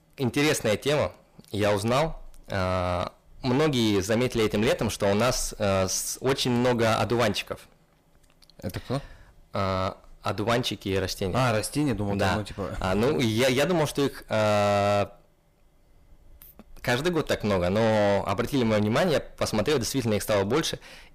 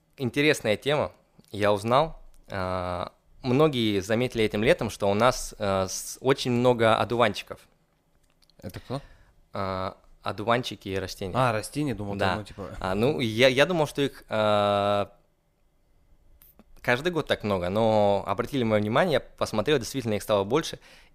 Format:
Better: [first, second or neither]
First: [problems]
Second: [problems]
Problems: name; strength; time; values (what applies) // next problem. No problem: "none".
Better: second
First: distortion; heavy; 6 dB below the speech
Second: none